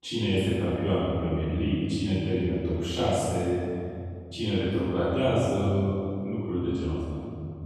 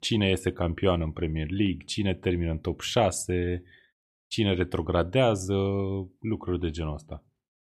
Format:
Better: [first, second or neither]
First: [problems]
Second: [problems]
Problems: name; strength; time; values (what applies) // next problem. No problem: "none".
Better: second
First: off-mic speech; far // room echo; strong; dies away in 2.6 s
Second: none